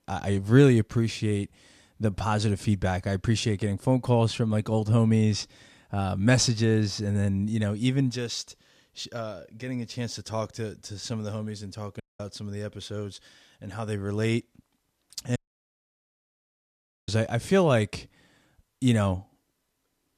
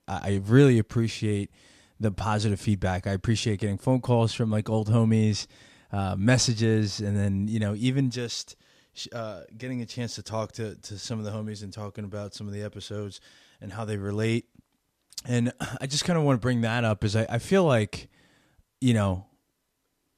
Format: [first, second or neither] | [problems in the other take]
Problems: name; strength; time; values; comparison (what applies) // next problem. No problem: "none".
second | audio cutting out; at 12 s and at 15 s for 1.5 s